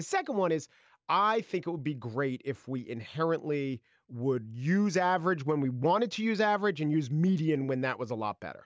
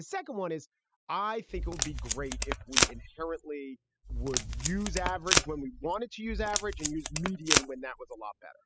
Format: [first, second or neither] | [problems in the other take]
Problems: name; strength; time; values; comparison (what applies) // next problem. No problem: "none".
first | noise reduction (classical method spectral subtraction)